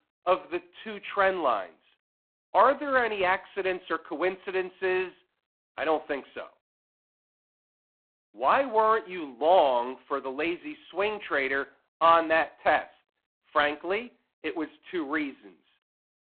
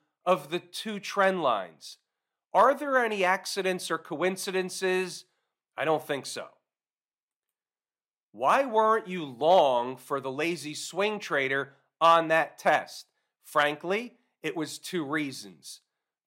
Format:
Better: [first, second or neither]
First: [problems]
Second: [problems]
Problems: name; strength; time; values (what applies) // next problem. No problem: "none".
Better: second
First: phone-call audio; poor line; nothing above 4 kHz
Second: none